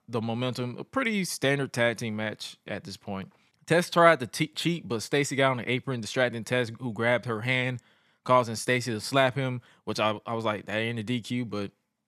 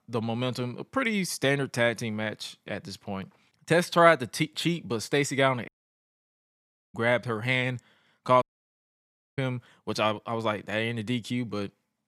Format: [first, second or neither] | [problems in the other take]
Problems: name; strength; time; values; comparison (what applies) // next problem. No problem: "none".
first | audio cutting out; at 5.5 s for 1.5 s and at 8.5 s for 1 s